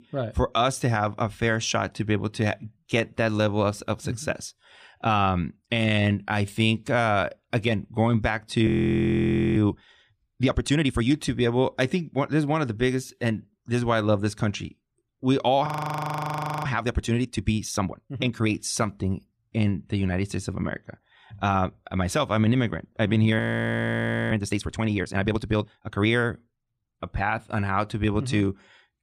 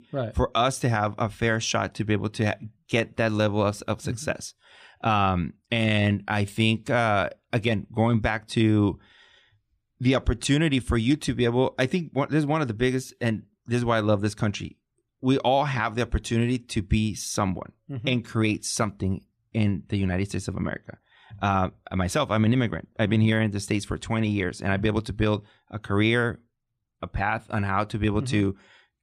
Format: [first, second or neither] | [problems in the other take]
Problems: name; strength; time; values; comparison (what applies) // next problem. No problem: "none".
second | audio freezing; at 8.5 s for 1 s, at 16 s for 1 s and at 23 s for 1 s